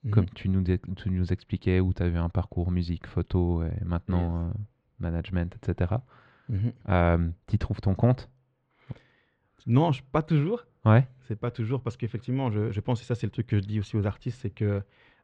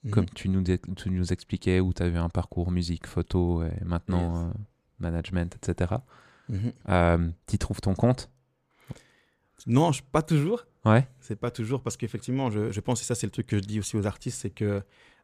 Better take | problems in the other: second | muffled; slightly; fading above 3.5 kHz

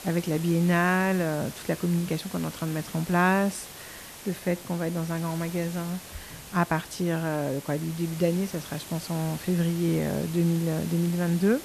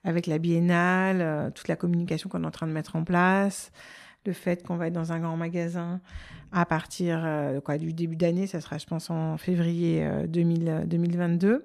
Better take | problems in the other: second | hiss; noticeable; throughout; 15 dB below the speech

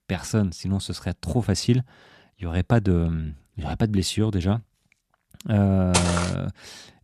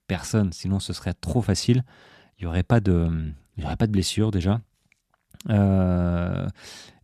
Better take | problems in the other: second | footsteps; loud; at 6 s; peak 1 dB above the speech

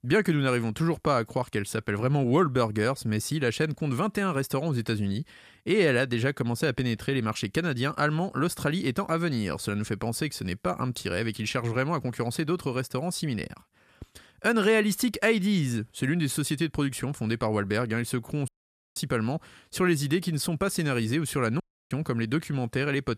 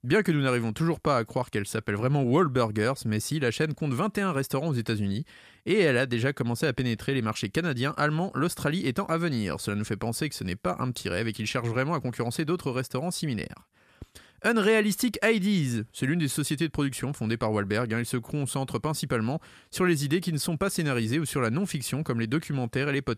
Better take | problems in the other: second | audio cutting out; at 18 s and at 22 s

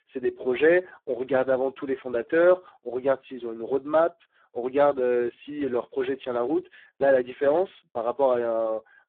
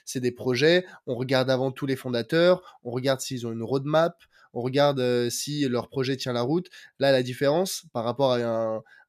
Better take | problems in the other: second | phone-call audio; poor line; nothing above 3.5 kHz

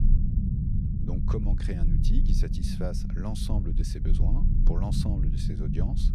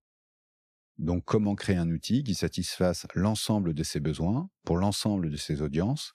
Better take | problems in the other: second | low rumble; loud; throughout; 1 dB below the speech

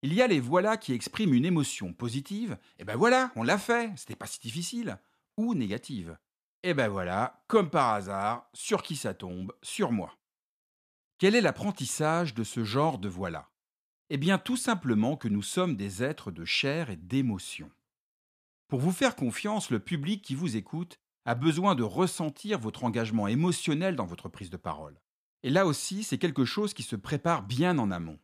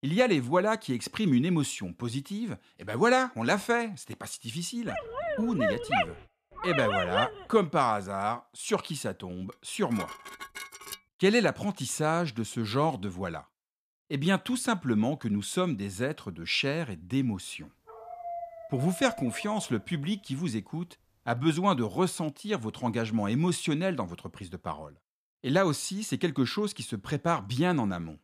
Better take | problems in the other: first | dog barking; loud; from 5 to 7.5 s; peak 3 dB above the speech // clattering dishes; faint; from 9.5 to 11 s; peak 10 dB below the speech // dog barking; noticeable; from 18 to 20 s; peak 9 dB below the speech

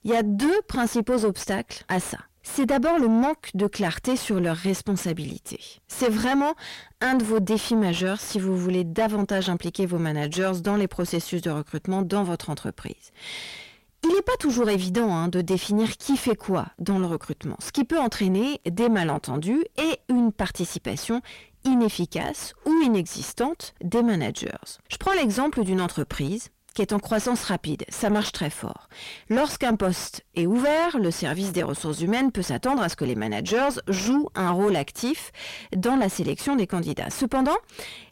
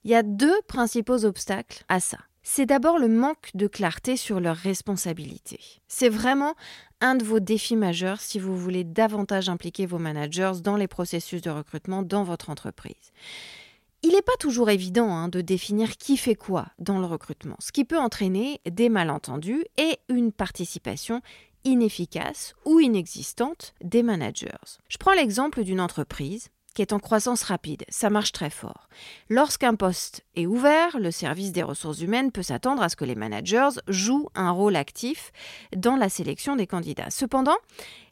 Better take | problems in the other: second | distortion; heavy; 7 dB below the speech

